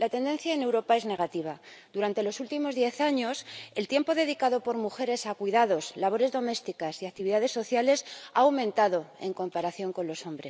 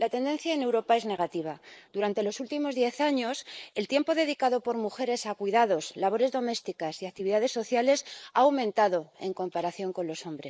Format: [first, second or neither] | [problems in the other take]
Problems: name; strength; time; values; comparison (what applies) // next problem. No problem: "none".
first | noise reduction (neural mask model Resemble Enhance denoiser)